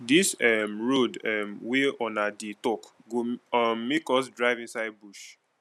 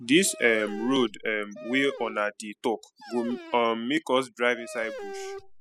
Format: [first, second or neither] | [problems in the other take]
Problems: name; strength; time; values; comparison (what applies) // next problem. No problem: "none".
first | noise reduction (classical method spectral subtraction)